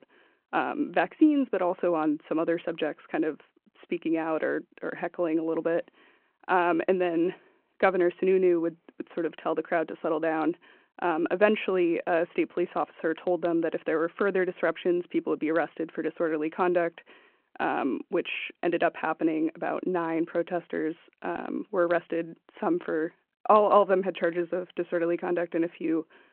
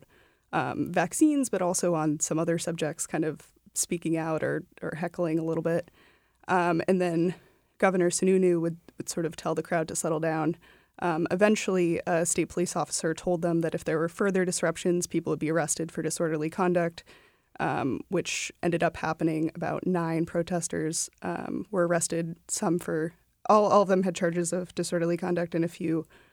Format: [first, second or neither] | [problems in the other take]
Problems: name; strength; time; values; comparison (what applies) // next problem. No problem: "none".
second | phone-call audio